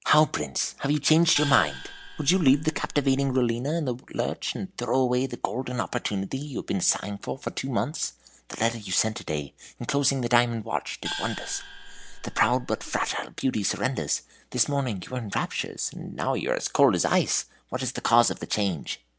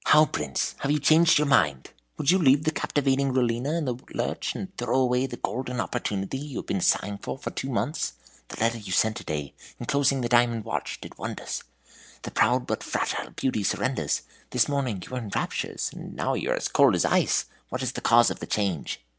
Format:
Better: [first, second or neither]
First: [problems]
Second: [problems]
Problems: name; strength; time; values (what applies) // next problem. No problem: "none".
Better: second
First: background sound (Gong); 11 dB below the speech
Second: none